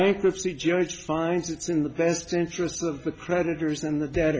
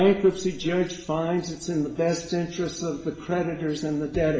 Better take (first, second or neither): first